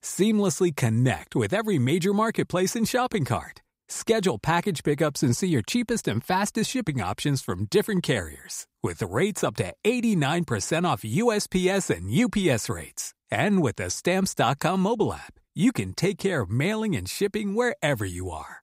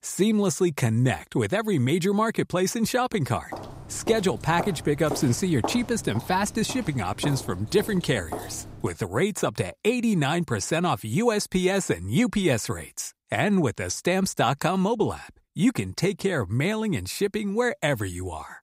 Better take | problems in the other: first | footsteps; noticeable; from 3.5 to 9 s; peak 7 dB below the speech

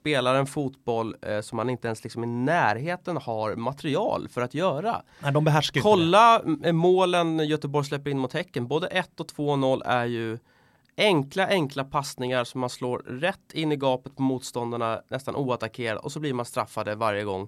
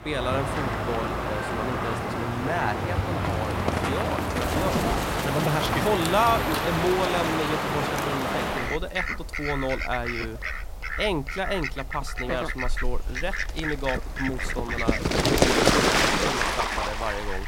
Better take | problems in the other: first | animal sounds; very loud; throughout; 4 dB above the speech

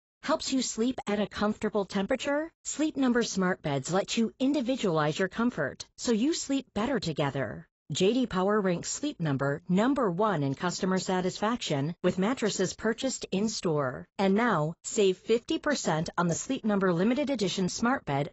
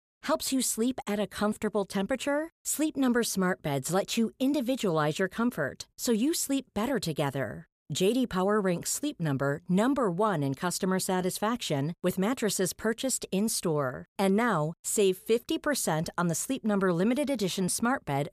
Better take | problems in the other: second | garbled, watery; badly; nothing above 7.5 kHz

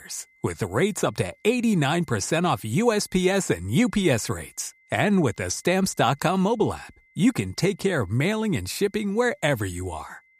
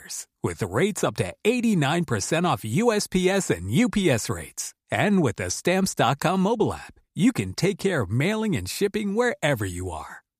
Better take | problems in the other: second | high-pitched whine; faint; throughout; 2 kHz, 35 dB below the speech

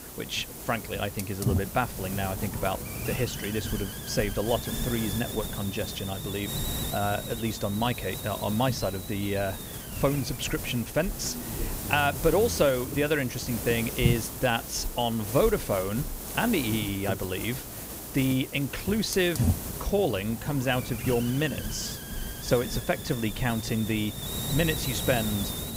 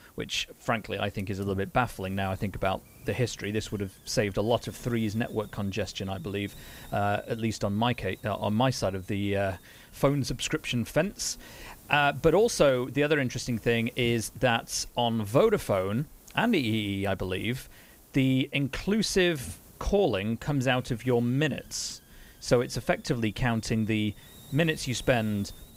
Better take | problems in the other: second | hiss; loud; throughout; 5 dB below the speech; faint in the second

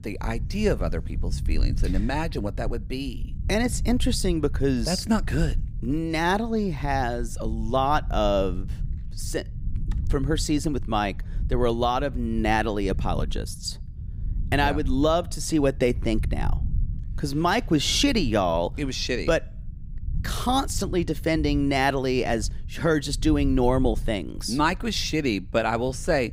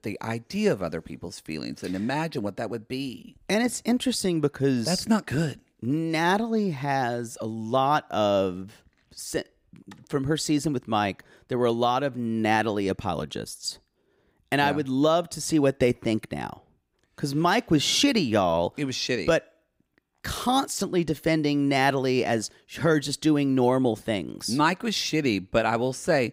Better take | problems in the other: second | low rumble; faint; throughout; 25 dB below the speech

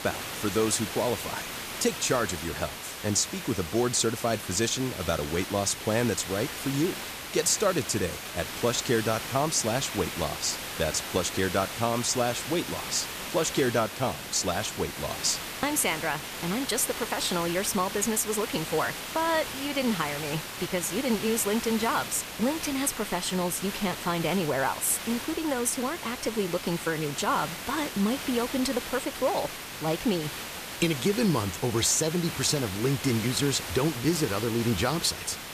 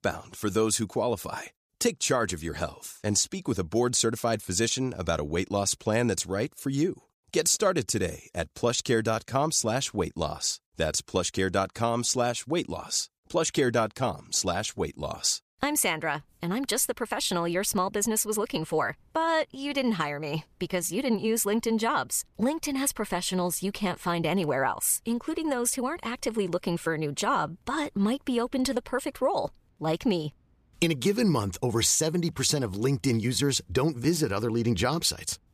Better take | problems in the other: second | hiss; loud; throughout; 7 dB below the speech

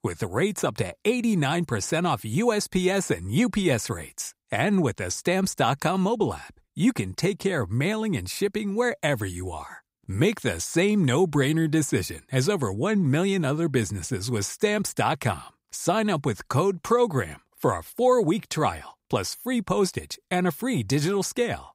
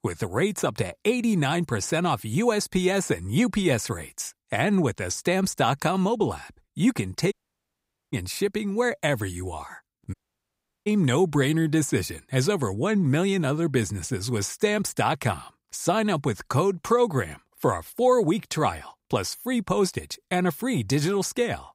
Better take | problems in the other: first | audio cutting out; at 7.5 s for 1 s and at 10 s for 0.5 s

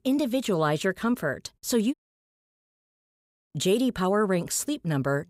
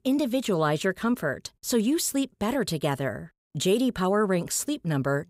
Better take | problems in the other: second | audio cutting out; at 2 s for 1.5 s

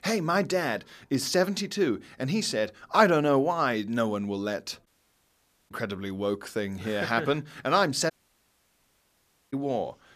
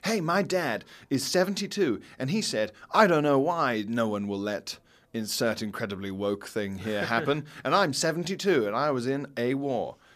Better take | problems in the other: second | audio cutting out; at 5 s for 1 s and at 8 s for 1.5 s

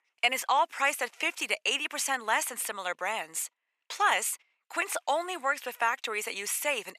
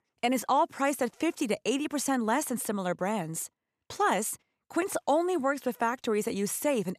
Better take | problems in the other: second | thin; very; fading below 800 Hz

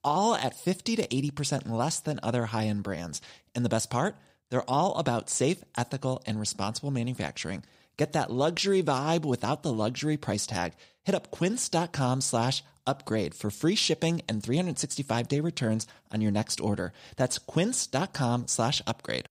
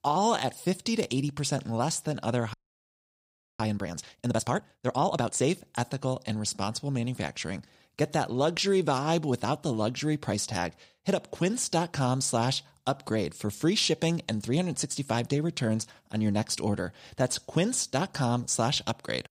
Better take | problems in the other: first | audio freezing; at 2.5 s for 1 s

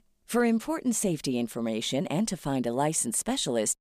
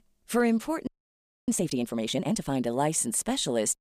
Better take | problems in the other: first | audio freezing; at 1 s for 0.5 s

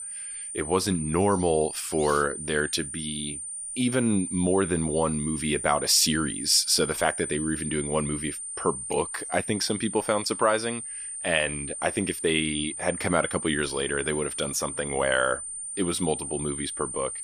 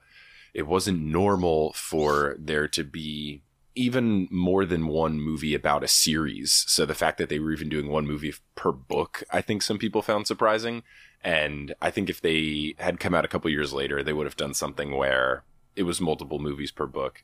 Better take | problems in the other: second | high-pitched whine; loud; throughout; 9 kHz, 6 dB below the speech

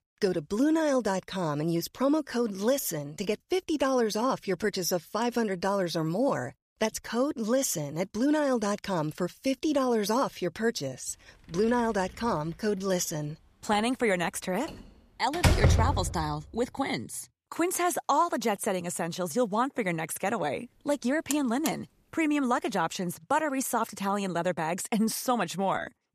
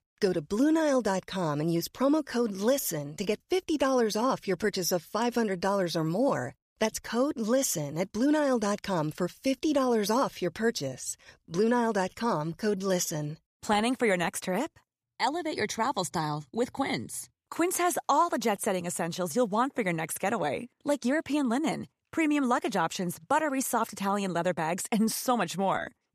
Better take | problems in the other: second | door banging; loud; at 15 s; peak 6 dB above the speech // alarm; noticeable; at 21 s; peak 6 dB below the speech

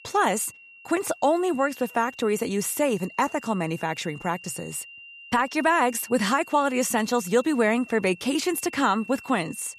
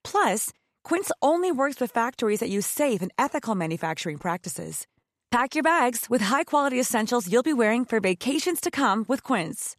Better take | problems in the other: second | high-pitched whine; noticeable; throughout; 2.5 kHz, 20 dB below the speech

